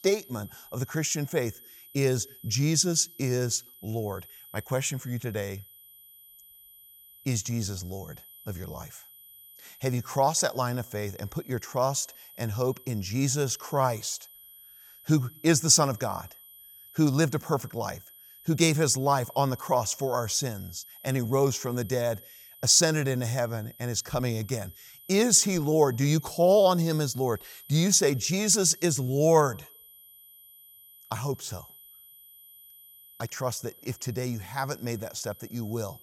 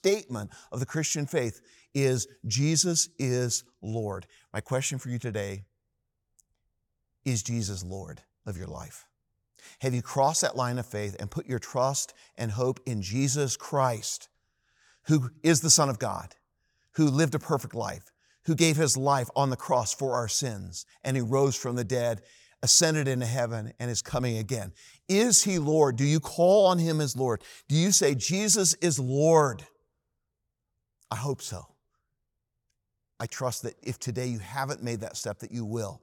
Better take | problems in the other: second | high-pitched whine; faint; throughout; 12 kHz, 20 dB below the speech

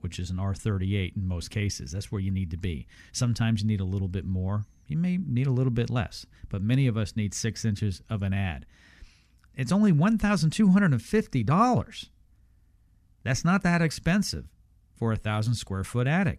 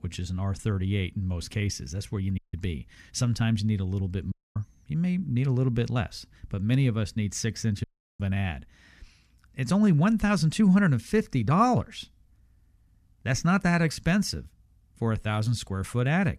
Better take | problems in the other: first | audio cutting out; at 2.5 s, at 4.5 s and at 8 s

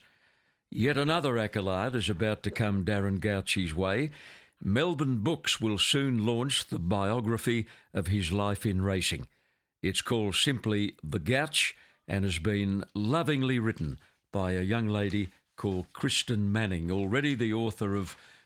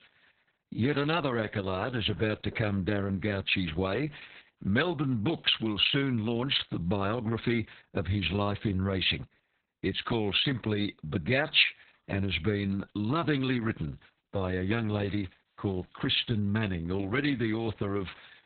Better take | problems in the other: first | garbled, watery; badly; nothing above 4 kHz; slightly in the first

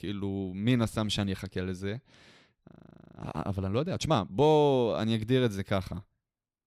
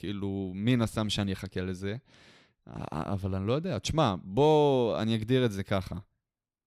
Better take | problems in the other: second | audio freezing; at 2.5 s

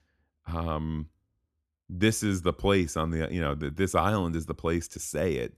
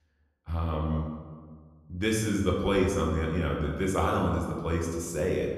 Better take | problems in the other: first | room echo; noticeable; dies away in 1.2 s // off-mic speech; somewhat distant

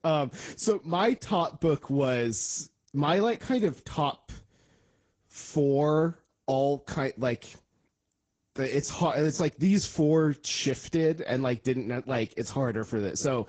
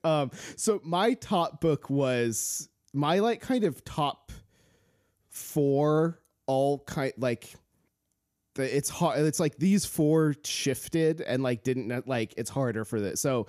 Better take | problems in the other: second | garbled, watery; badly; nothing above 7.5 kHz

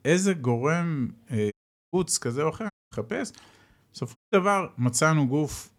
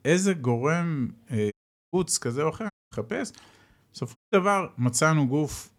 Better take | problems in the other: neither | audio cutting out; at 1.5 s, at 2.5 s and at 4 s; the same in both

